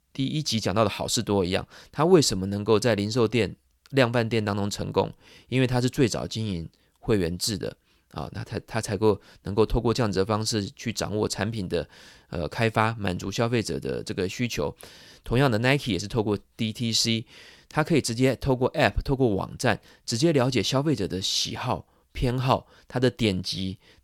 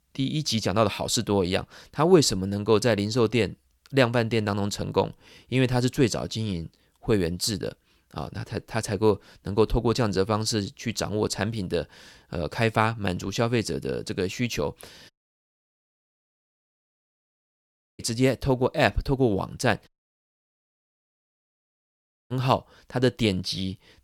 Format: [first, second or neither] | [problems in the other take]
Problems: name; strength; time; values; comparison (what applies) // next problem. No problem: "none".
first | audio cutting out; at 15 s for 3 s and at 20 s for 2.5 s